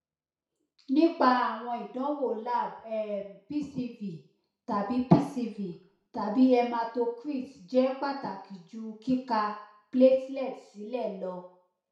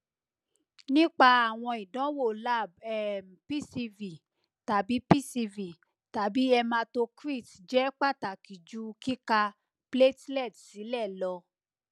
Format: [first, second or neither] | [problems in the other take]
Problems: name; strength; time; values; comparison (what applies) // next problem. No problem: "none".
second | room echo; dies away in 0.6 s